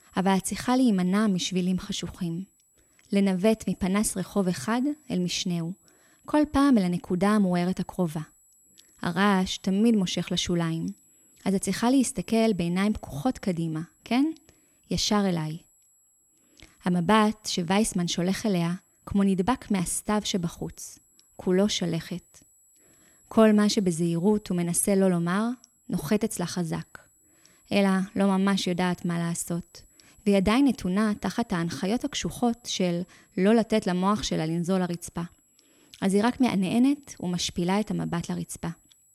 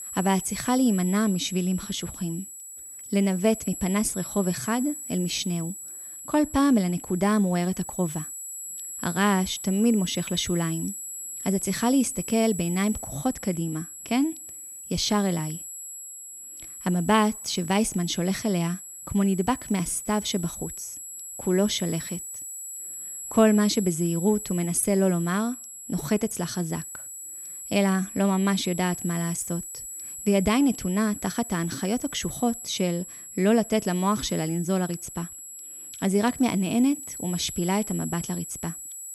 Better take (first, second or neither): first